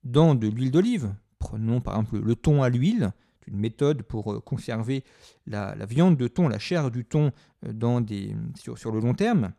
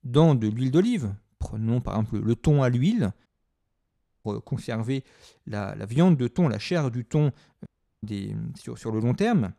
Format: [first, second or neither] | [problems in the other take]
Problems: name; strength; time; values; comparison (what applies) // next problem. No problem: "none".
first | audio cutting out; at 3.5 s for 1 s and at 7.5 s